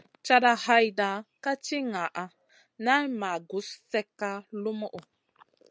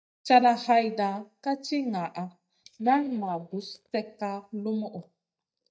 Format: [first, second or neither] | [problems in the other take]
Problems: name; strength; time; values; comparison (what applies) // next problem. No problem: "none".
first | noise reduction (neural mask model DeepFilterNet 3)